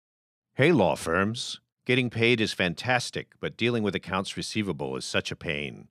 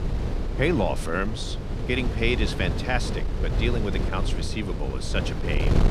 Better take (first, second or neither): first